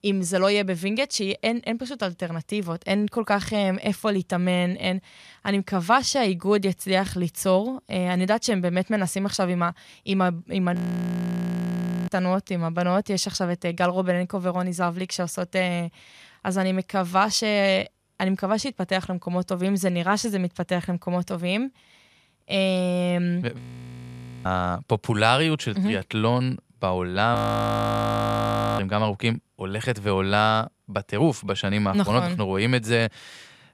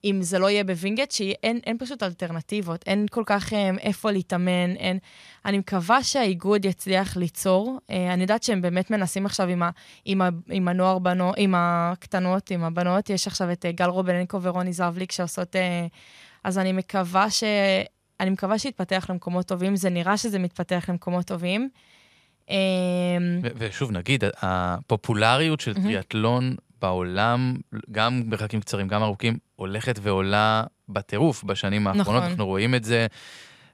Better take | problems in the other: second | audio freezing; at 11 s for 1.5 s, at 24 s for 1 s and at 27 s for 1.5 s

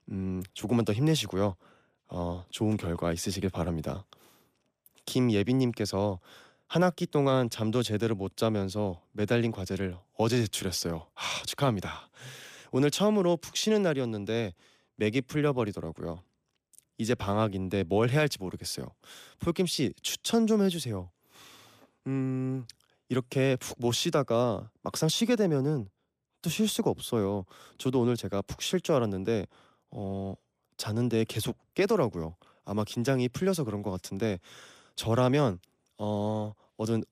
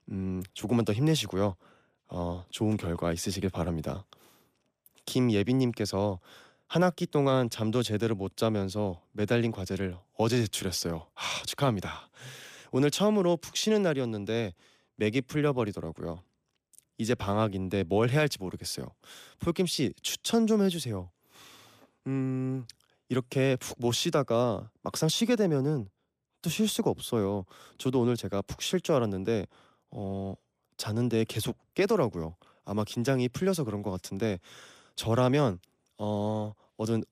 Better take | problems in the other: neither | none

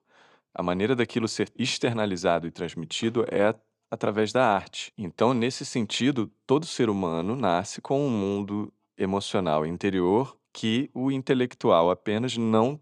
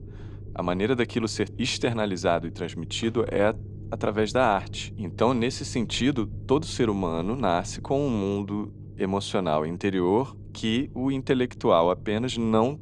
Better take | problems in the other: first | low rumble; faint; throughout; 25 dB below the speech

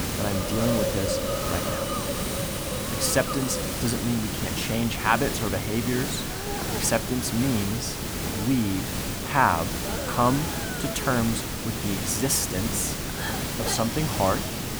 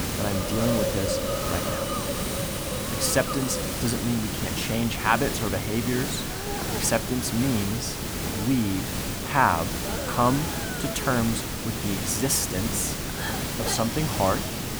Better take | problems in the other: neither | hiss; loud; throughout; 2 dB below the speech; the same in both

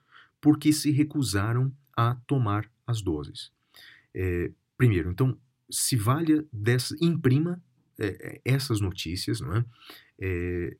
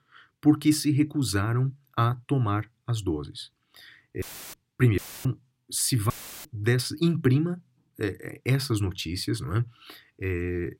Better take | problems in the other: first | audio cutting out; filled with static; at 4 s, at 5 s and at 6 s

